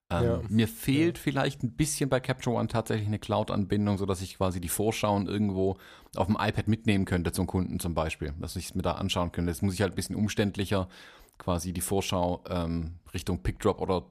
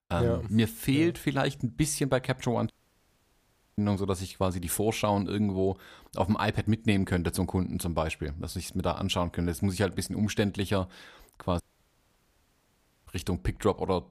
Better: first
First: none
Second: audio cutting out; at 2.5 s for 1 s and at 12 s for 1.5 s

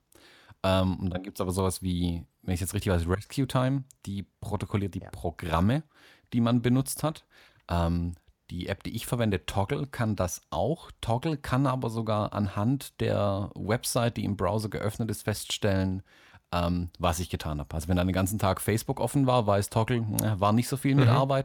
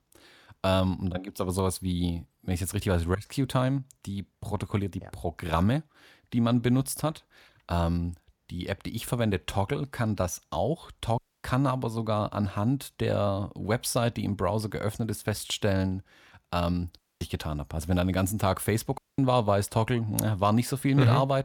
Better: first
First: none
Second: audio cutting out; at 11 s, at 17 s and at 19 s

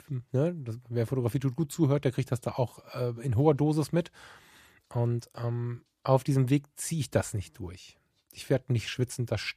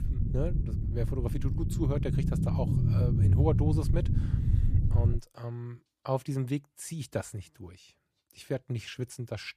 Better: first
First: none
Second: low rumble; loud; until 5 s; 3 dB below the speech

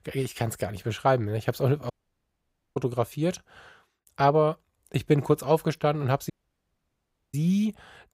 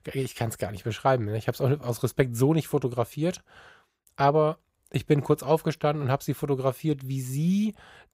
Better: second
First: audio cutting out; at 2 s for 1 s and at 6.5 s for 1 s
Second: none

